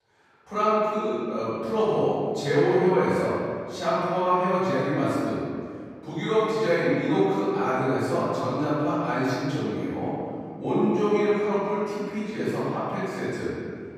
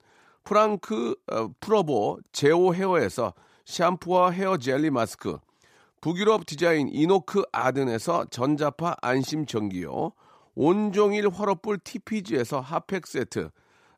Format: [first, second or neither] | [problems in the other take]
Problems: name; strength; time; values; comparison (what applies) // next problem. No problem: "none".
second | off-mic speech; far // room echo; strong; dies away in 2 s